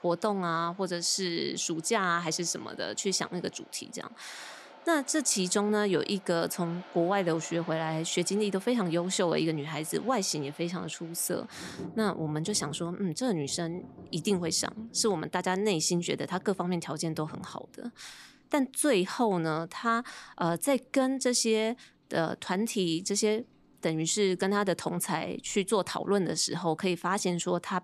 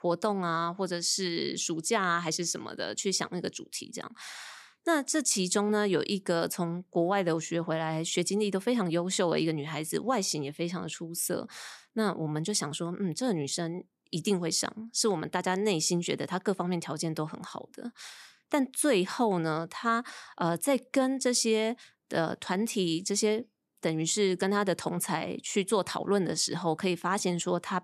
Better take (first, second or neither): second